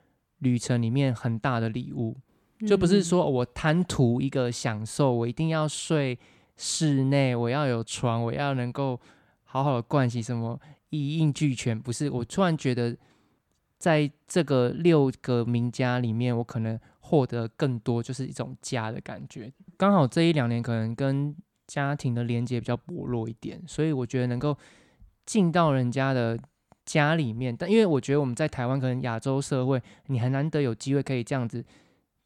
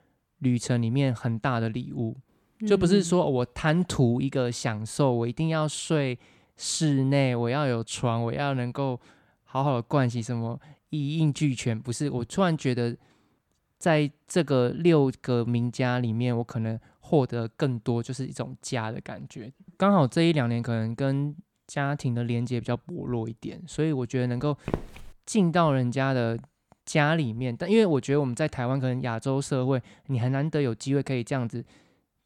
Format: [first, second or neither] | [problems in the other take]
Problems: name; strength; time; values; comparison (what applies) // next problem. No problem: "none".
first | footsteps; noticeable; at 25 s; peak 7 dB below the speech